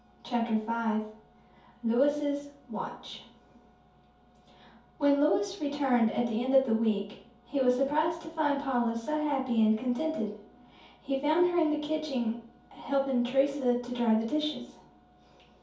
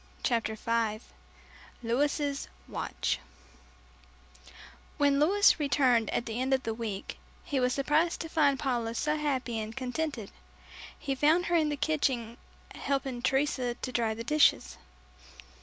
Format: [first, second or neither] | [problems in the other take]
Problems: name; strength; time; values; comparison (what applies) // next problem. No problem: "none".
second | room echo; dies away in 0.6 s